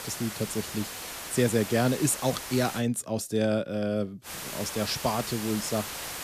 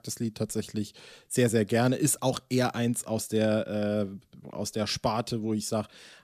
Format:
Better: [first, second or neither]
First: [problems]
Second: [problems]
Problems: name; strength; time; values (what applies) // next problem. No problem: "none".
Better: second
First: hiss; loud; until 3 s and from 4.5 s on; 7 dB below the speech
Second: none